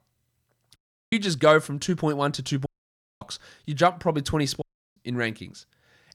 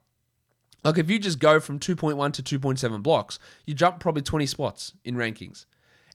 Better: second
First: audio cutting out; at 1 s, at 2.5 s for 0.5 s and at 4.5 s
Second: none

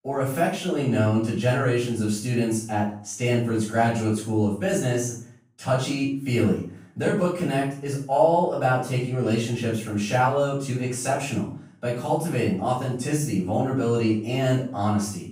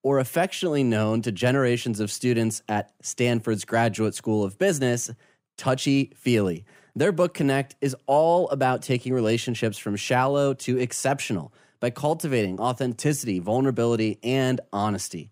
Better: second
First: off-mic speech; far // room echo; noticeable; dies away in 0.4 s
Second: none

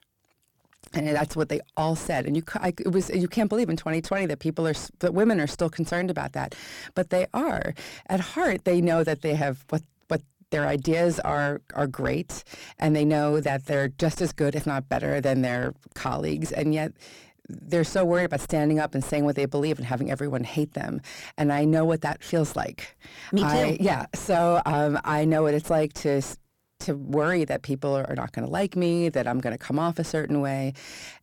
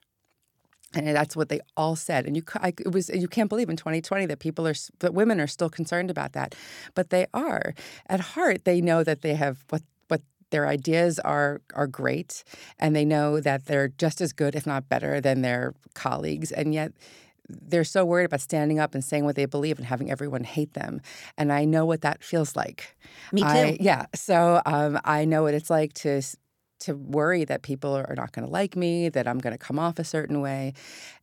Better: second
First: distortion; slight; 9 dB below the speech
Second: none

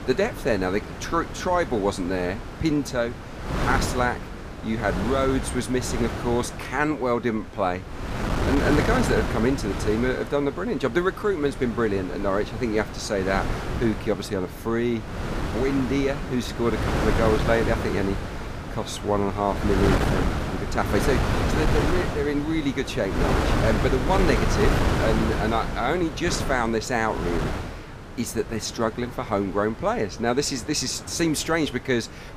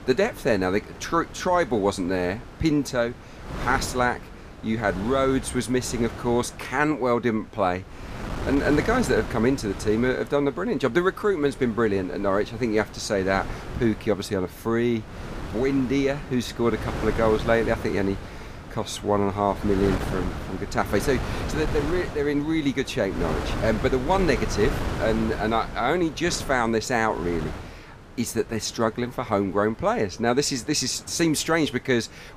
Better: second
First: wind noise on the microphone; heavy; 5 dB below the speech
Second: wind noise on the microphone; occasional gusts; 10 dB below the speech

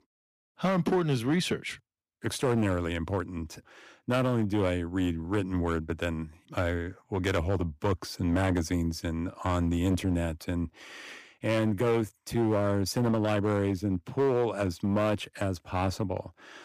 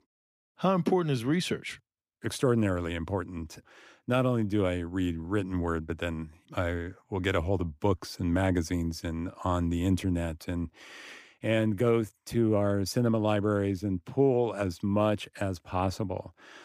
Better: second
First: distortion; slight; 6% of the sound clipped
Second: none

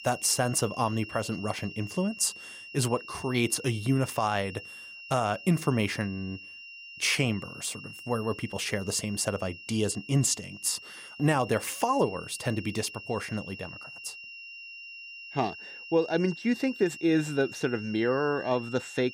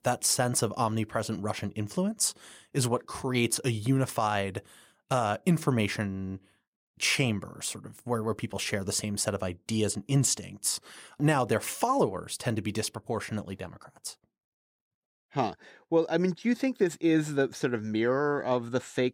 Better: second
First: high-pitched whine; noticeable; throughout; 3 kHz, 15 dB below the speech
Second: none

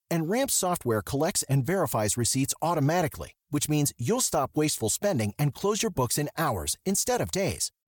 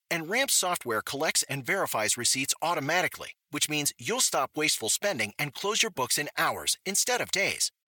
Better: first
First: none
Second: thin; somewhat; fading below 1 kHz

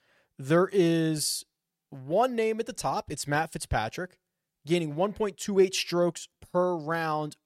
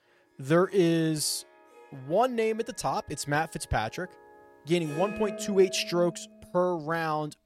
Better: first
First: none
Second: background music; noticeable; throughout; 15 dB below the speech

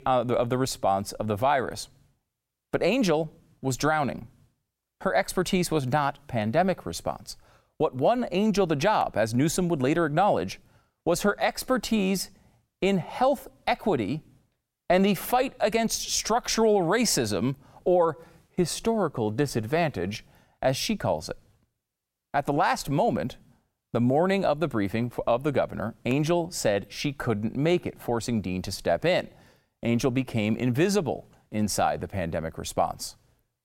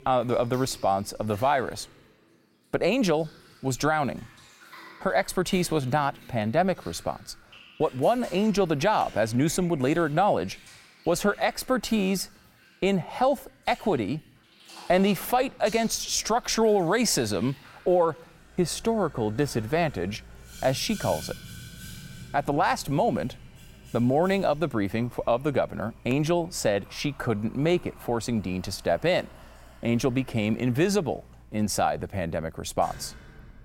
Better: first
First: none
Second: household noises; faint; throughout; 20 dB below the speech

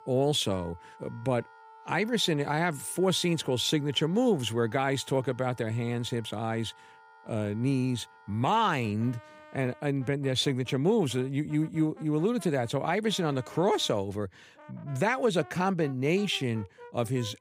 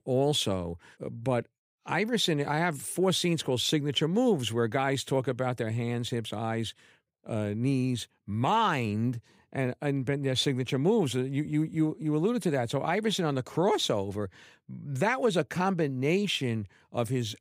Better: second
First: background music; faint; throughout; 25 dB below the speech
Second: none

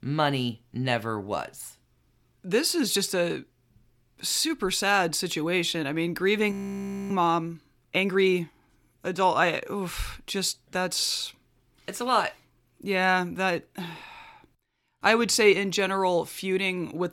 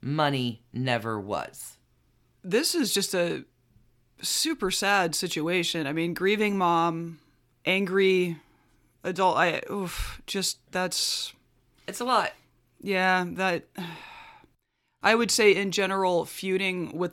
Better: second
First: audio freezing; at 6.5 s for 0.5 s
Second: none

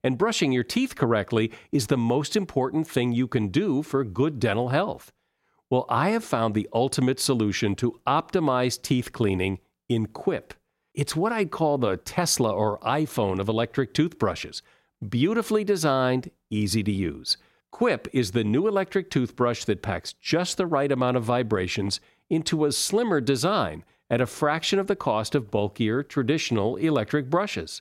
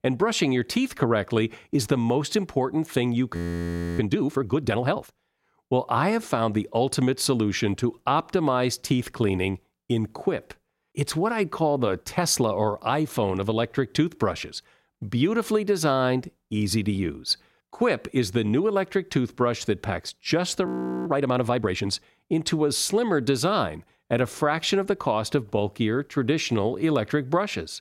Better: first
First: none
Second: audio freezing; at 3.5 s for 0.5 s and at 21 s

